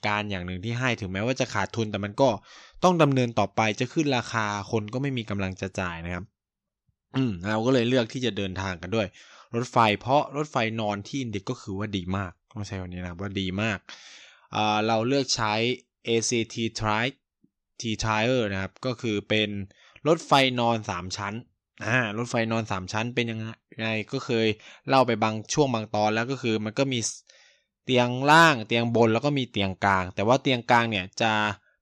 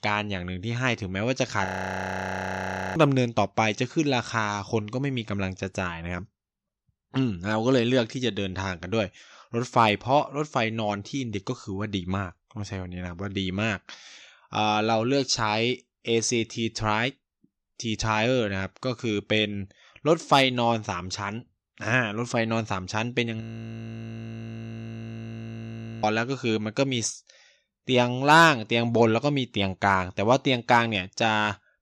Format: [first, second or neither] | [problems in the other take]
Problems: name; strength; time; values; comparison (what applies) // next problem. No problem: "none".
first | audio freezing; at 1.5 s for 1.5 s and at 23 s for 2.5 s